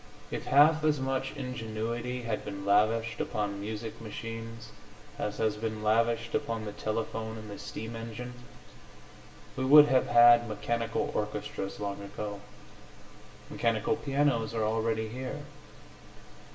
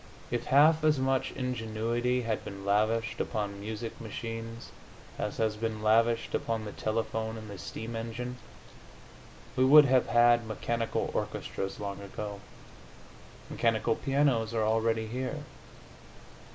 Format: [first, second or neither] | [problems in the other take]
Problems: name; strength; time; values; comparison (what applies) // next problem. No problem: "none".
second | room echo; dies away in 0.7 s